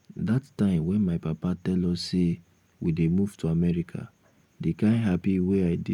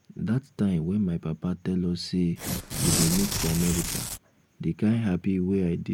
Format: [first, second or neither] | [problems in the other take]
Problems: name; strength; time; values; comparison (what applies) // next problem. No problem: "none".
first | background sound (Tearing); 2 dB below the speech